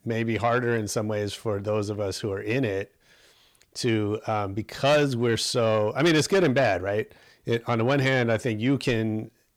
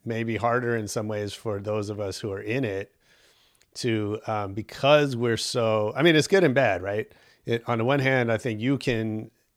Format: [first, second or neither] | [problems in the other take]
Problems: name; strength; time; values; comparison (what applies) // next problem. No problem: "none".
second | distortion; slight; 10 dB below the speech